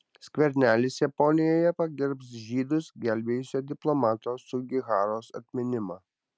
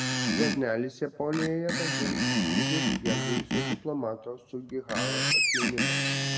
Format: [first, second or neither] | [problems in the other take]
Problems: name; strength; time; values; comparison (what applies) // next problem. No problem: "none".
first | background sound (Screech); 4 dB above the speech // room echo; dies away in 0.9 s